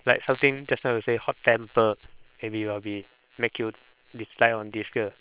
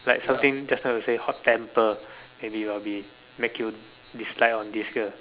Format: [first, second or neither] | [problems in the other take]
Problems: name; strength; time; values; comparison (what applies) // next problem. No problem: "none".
second | noise reduction (neural separator model SepFormer WHAM!)